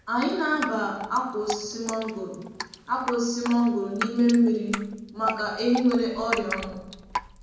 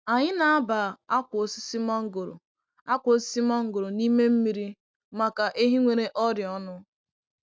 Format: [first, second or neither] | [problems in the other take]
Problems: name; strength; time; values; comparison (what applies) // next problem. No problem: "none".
second | background sound (Drip); 10 dB below the speech // room echo; dies away in 0.9 s